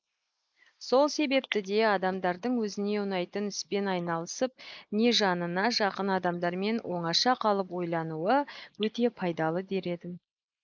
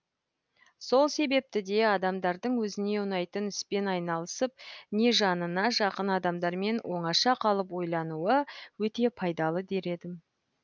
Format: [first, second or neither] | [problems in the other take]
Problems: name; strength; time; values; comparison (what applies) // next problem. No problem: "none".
second | noise reduction (neural mask model Resemble Enhance denoiser)